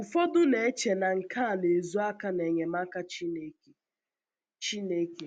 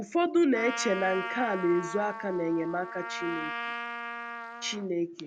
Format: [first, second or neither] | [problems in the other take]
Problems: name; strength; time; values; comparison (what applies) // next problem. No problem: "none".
first | background sound (Trumpet); 8 dB below the speech